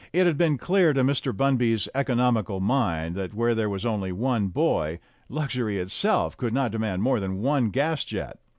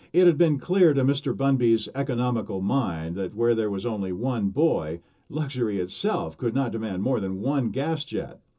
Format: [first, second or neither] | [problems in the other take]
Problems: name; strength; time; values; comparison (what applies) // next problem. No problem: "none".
first | room echo; dies away in 0.2 s